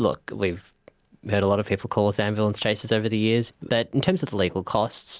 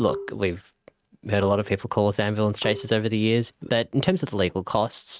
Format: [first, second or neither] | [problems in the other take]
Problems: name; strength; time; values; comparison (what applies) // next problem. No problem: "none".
first | noise reduction (neural mask model RNNoise)